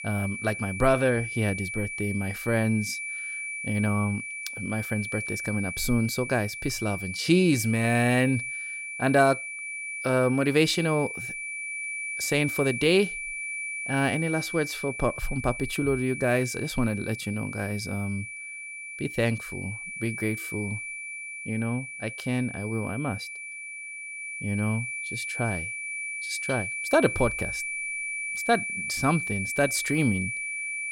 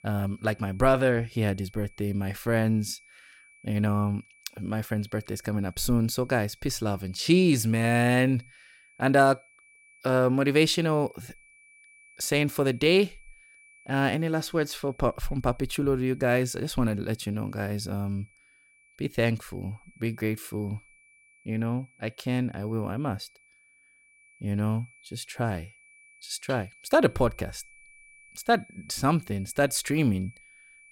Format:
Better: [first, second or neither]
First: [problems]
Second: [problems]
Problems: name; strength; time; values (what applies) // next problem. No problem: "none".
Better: second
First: high-pitched whine; loud; throughout; 2.5 kHz, 5 dB below the speech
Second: high-pitched whine; faint; throughout; 2.5 kHz, 30 dB below the speech